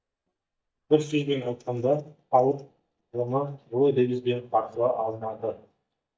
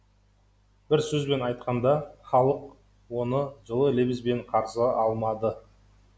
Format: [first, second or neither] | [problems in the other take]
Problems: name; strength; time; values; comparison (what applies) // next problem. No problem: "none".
second | noise reduction (neural mask model DeepFilterNet 3)